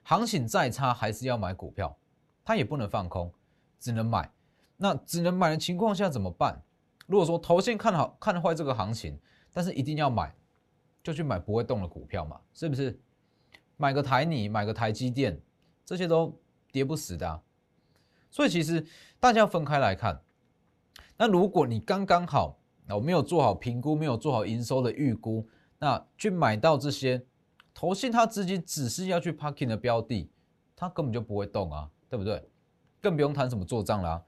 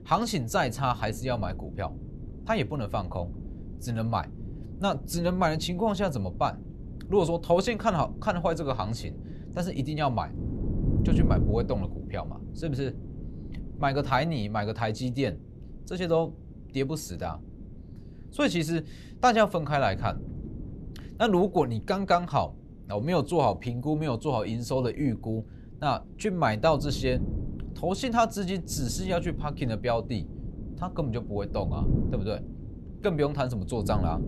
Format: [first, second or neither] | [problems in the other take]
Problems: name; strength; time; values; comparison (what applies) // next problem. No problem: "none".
first | wind noise on the microphone; occasional gusts; 15 dB below the speech